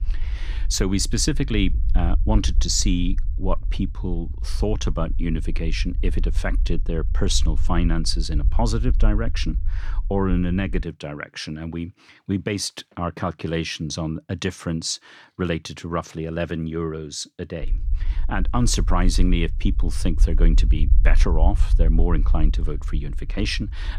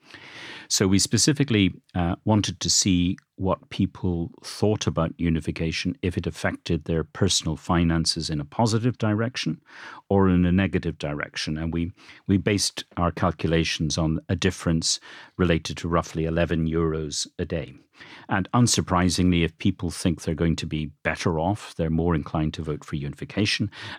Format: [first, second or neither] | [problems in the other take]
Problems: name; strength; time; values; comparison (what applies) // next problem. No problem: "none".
second | low rumble; noticeable; until 11 s and from 18 s on; 20 dB below the speech